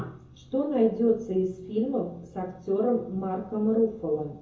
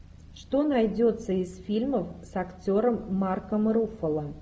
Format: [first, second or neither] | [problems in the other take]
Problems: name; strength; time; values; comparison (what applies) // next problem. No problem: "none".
second | room echo; dies away in 0.6 s